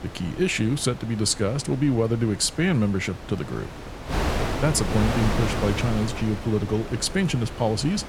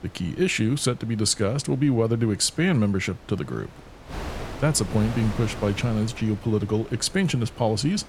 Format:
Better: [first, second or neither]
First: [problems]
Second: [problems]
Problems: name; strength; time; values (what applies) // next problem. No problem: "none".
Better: second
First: wind noise on the microphone; heavy; 6 dB below the speech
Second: wind noise on the microphone; occasional gusts; 15 dB below the speech